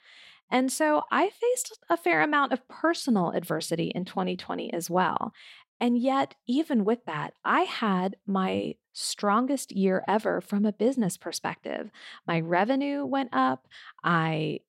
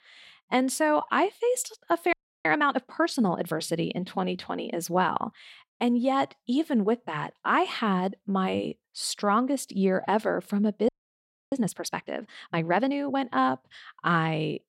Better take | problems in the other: first | audio freezing; at 2 s and at 11 s for 0.5 s

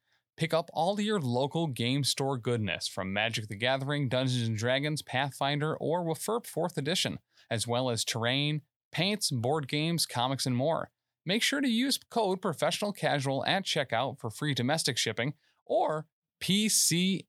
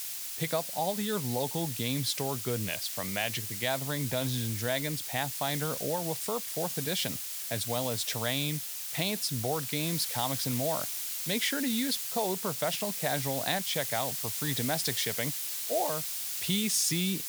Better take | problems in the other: first | hiss; loud; throughout; as loud as the speech

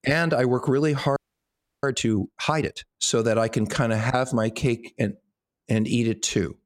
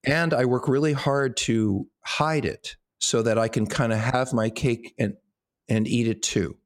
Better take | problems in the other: second | audio freezing; at 1 s for 0.5 s

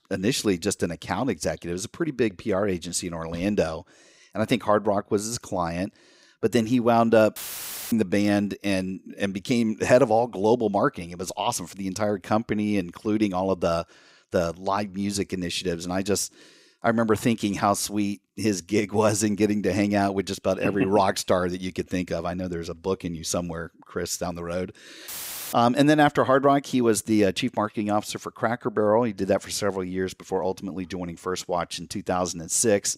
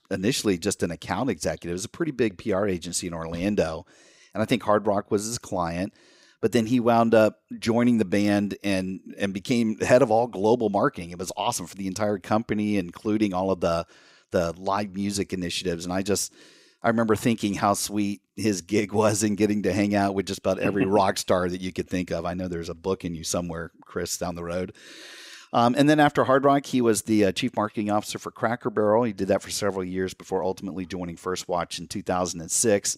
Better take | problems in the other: second | audio cutting out; filled with static; at 7.5 s for 0.5 s and at 25 s

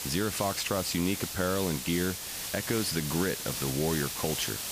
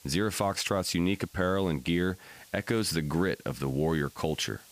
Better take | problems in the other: second | hiss; loud; throughout; 3 dB below the speech; faint in the second

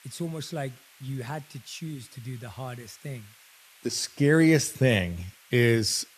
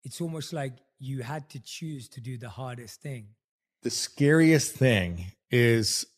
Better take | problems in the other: second | hiss; faint; throughout; 25 dB below the speech

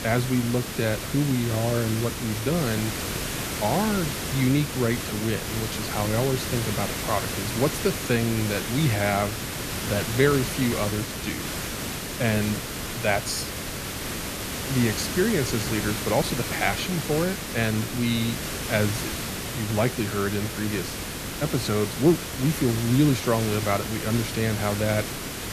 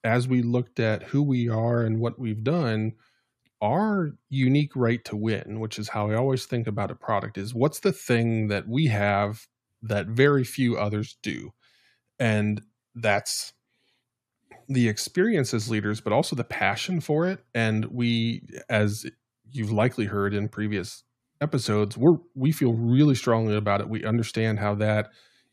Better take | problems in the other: second | hiss; loud; throughout; 4 dB below the speech

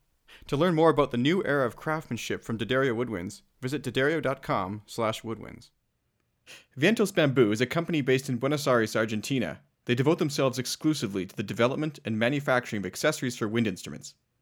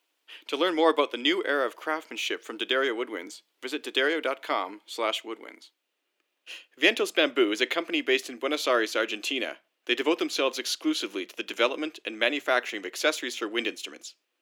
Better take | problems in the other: first | thin; somewhat; fading below 300 Hz

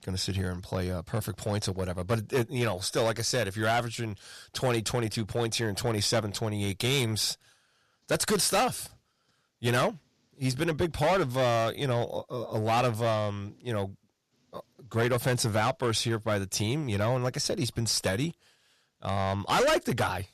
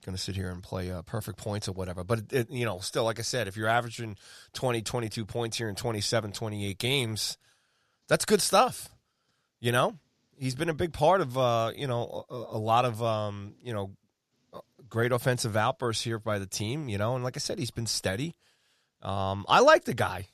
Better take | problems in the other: second | distortion; heavy; 7% of the sound clipped

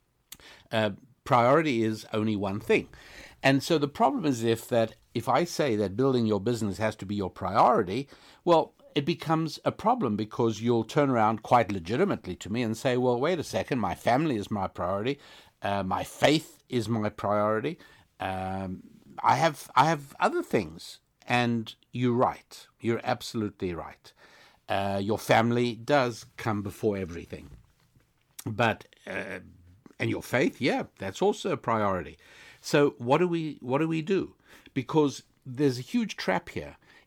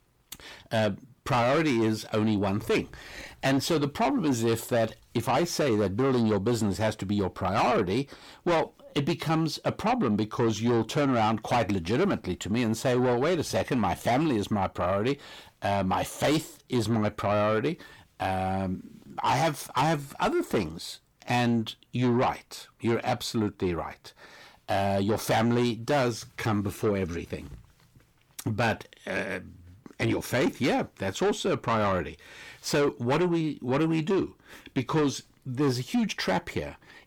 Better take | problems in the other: first | distortion; heavy; 7 dB below the speech

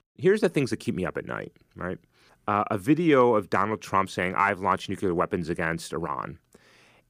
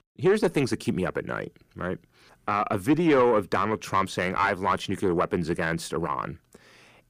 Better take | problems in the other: first | distortion; slight; 10 dB below the speech

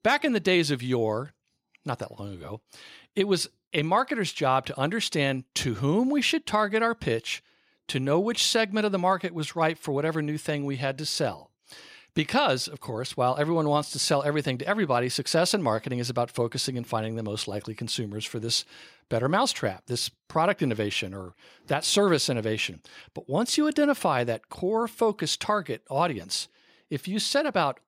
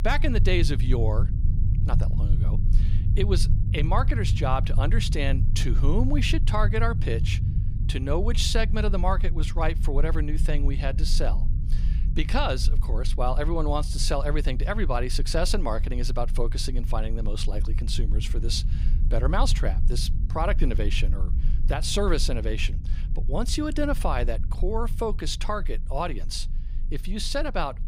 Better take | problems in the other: first | low rumble; noticeable; throughout; 15 dB below the speech

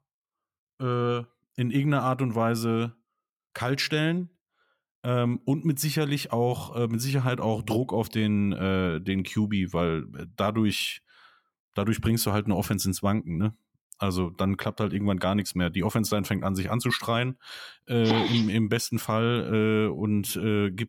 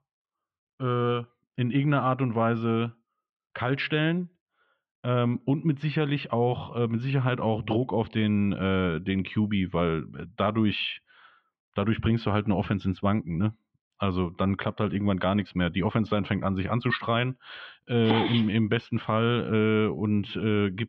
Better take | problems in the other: first | muffled; very; fading above 3.5 kHz

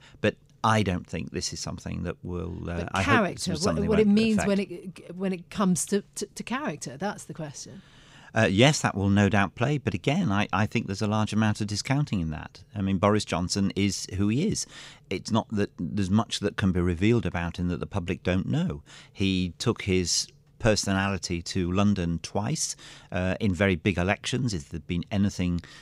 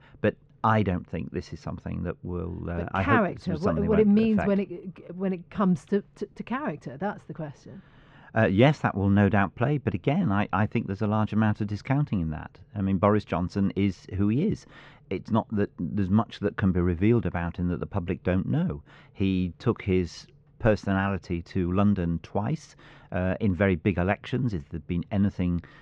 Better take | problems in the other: first | muffled; very; fading above 2 kHz

